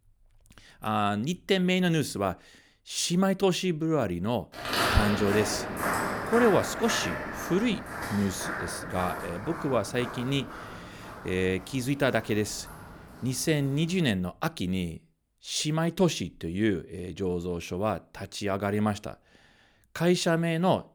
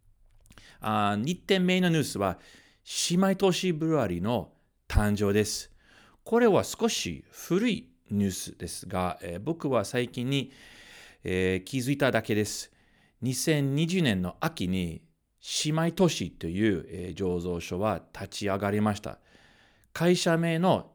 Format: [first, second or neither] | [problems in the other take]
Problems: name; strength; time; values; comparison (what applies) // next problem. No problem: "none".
second | footsteps; loud; from 4.5 to 13 s; peak 3 dB above the speech